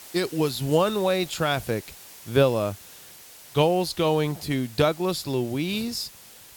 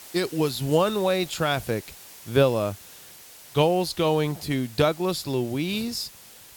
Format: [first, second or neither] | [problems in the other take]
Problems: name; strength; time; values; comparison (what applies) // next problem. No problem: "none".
neither | hiss; noticeable; throughout; 20 dB below the speech; the same in both